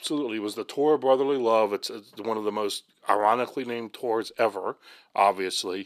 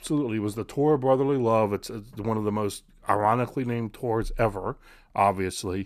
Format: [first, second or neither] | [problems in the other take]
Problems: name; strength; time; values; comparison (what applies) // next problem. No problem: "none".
second | thin; somewhat; fading below 400 Hz